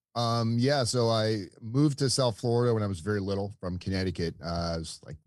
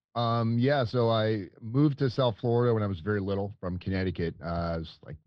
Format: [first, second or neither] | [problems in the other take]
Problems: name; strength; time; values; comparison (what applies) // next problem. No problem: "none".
first | muffled; slightly; fading above 3.5 kHz